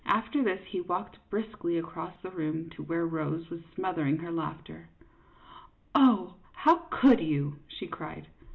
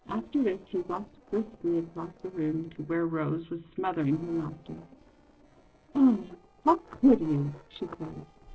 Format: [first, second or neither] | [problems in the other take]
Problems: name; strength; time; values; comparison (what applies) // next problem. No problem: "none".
first | noise reduction (neural separator model SepFormer DNS4)